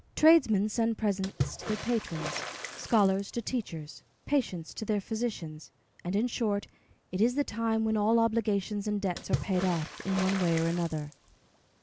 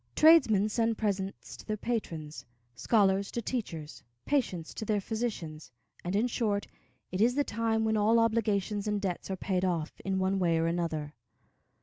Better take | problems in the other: second | background sound (Water / Splash, splatter); 12 dB below the speech

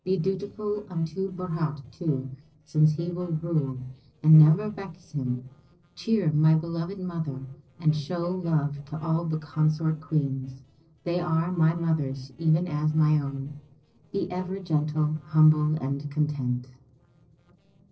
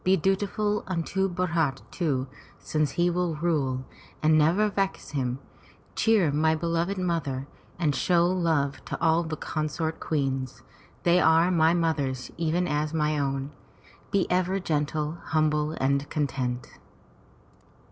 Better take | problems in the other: second | noise reduction (neural separator model SepFormer DNS4)

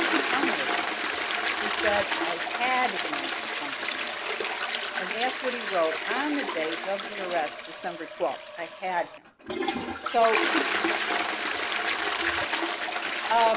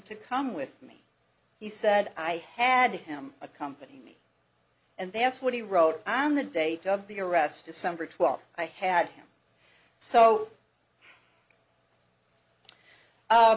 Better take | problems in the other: second | background sound (Toilet flush); 2 dB above the speech

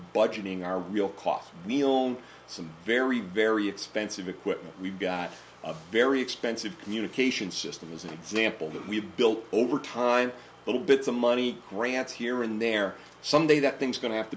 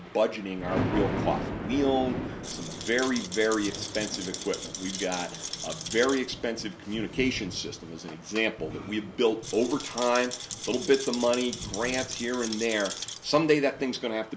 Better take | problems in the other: first | background sound (Rattle + Thunder); 8 dB below the speech

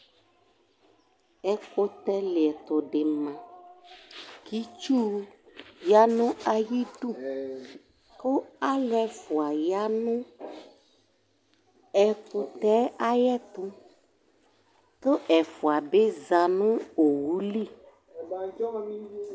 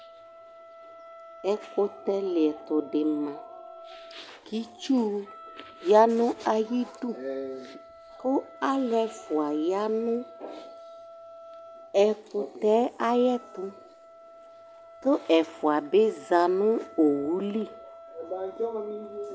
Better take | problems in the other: first | background sound (Wind instrument, woodwind instrument); 20 dB below the speech

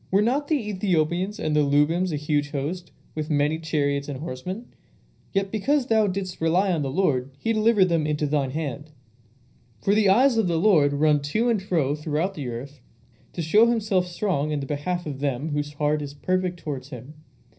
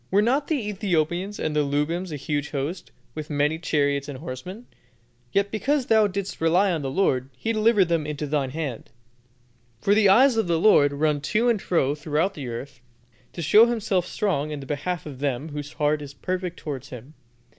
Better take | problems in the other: second | room echo; dies away in 0.4 s

